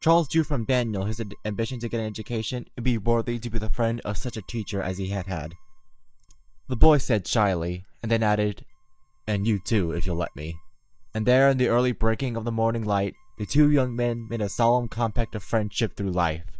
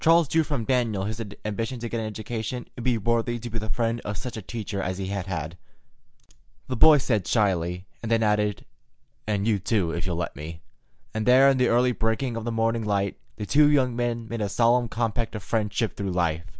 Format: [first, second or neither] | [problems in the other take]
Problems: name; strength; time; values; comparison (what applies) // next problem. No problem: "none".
second | noise reduction (neural mask model DeepFilterNet 3)